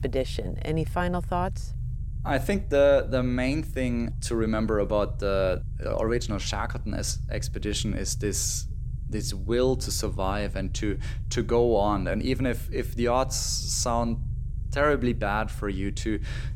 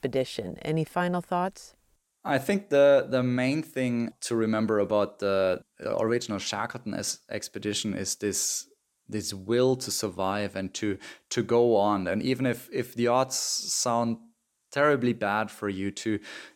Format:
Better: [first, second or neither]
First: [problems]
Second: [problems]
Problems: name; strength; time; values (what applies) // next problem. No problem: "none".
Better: second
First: low rumble; faint; throughout; 20 dB below the speech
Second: none